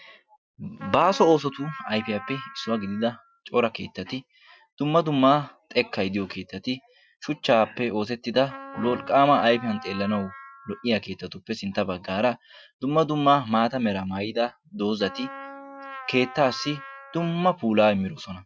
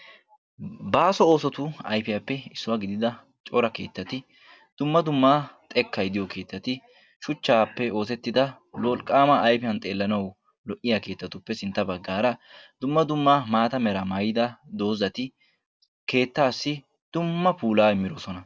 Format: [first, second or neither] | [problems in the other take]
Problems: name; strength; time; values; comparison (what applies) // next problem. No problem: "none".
second | noise reduction (classical method Wiener filter)